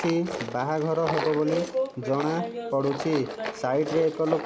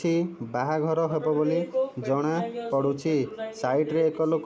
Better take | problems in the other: second | background sound (Tools); 9 dB below the speech

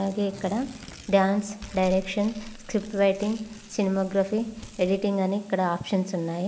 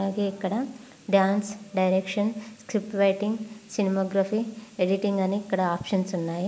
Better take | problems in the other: second | background sound (Tearing); 19 dB below the speech

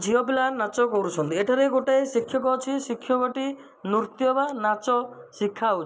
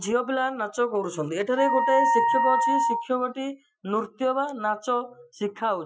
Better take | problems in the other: first | noise reduction (classical method Wiener filter)

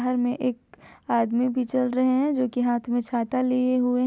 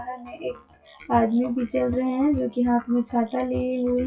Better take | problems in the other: first | noise reduction (classical method WPE with log-MMSE)

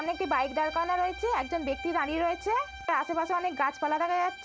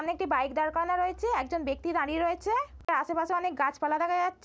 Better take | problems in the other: second | background sound (Bowed string instrument); 14 dB below the speech

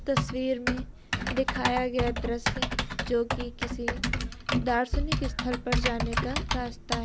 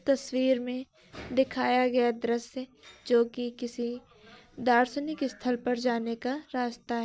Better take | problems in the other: second | background sound (Typing); 2 dB above the speech

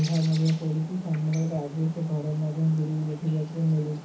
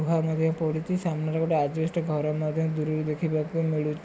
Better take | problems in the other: second | background sound (Bird); 19 dB below the speech // room echo; dies away in 0.4 s

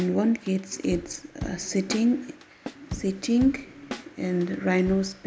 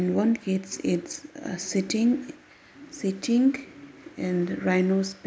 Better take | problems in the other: second | background sound (Drum / Drum kit); 14 dB below the speech

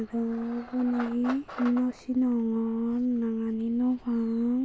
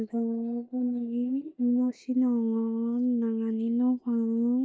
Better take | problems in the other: first | noise reduction (neural mask model DeepFilterNet 3)

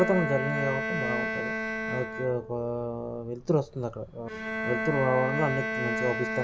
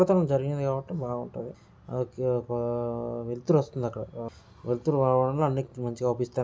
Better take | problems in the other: second | background sound (Bowed string instrument); 2 dB below the speech

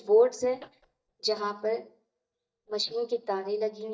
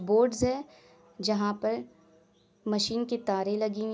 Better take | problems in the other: second | noise reduction (neural mask model DeepFilterNet 3)

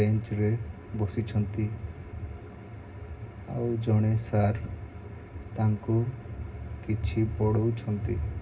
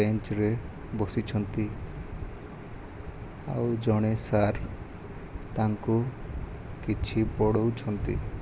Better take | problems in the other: second | room echo; dies away in 0.4 s

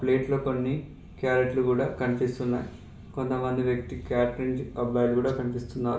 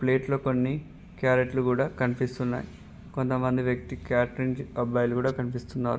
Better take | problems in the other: second | room echo; dies away in 0.5 s

